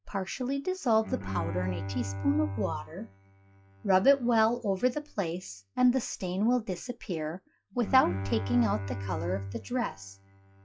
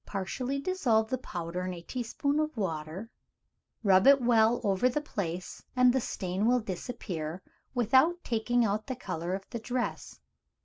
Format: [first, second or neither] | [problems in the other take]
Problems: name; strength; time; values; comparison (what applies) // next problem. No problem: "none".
second | noise reduction (classical method log-MMSE)